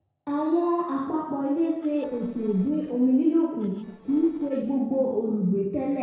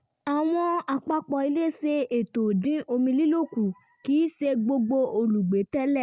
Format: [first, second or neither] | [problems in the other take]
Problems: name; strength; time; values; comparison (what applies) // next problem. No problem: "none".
second | noise reduction (neural separator model SepFormer DNS4)